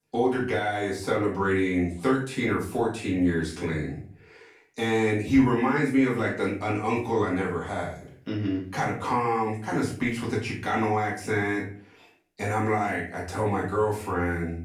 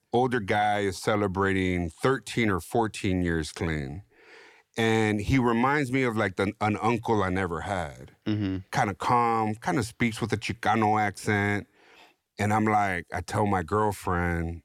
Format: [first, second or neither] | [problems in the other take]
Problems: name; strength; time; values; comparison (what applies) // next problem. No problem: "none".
second | off-mic speech; far // room echo; slight; dies away in 0.4 s